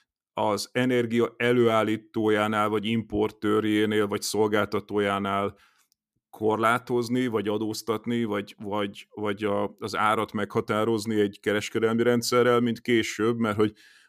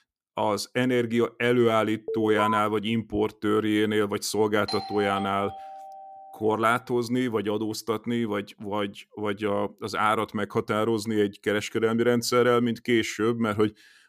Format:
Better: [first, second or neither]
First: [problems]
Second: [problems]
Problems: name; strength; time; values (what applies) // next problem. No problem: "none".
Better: first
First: none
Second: alarm; noticeable; at 2 s; peak 2 dB below the speech // doorbell; noticeable; from 4.5 to 6.5 s; peak 8 dB below the speech